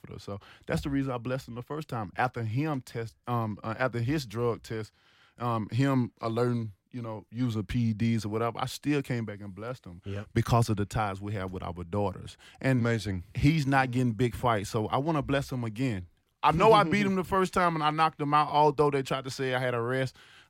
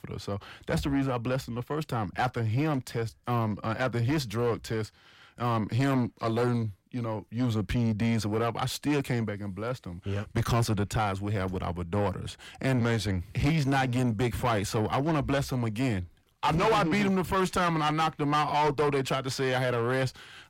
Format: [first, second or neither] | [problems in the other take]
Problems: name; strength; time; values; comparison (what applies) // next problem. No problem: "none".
first | distortion; heavy; 7 dB below the speech